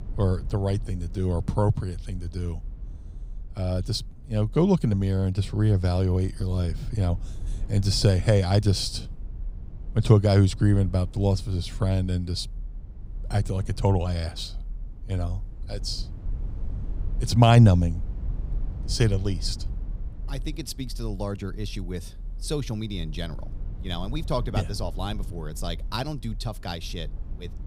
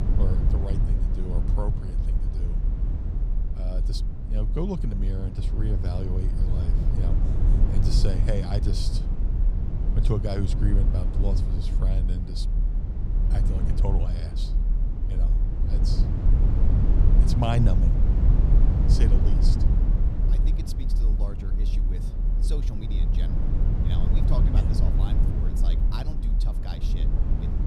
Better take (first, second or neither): first